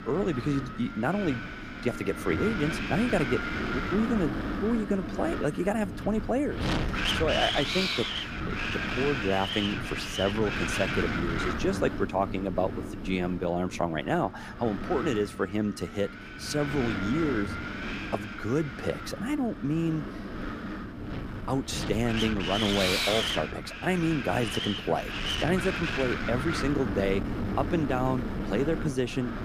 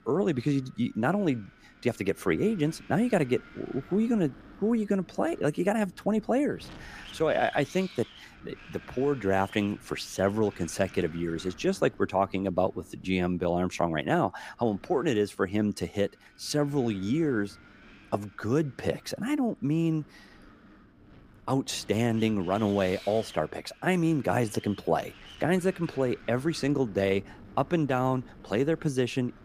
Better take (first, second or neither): second